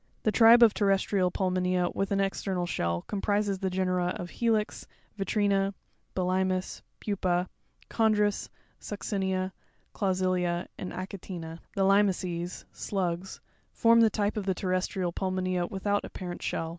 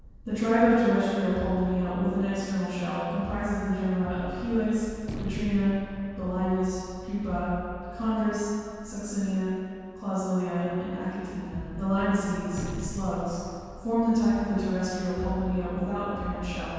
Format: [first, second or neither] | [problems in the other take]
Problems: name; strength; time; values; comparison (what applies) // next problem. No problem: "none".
first | background sound (Gunshot, gunfire); 15 dB below the speech // room echo; dies away in 2.1 s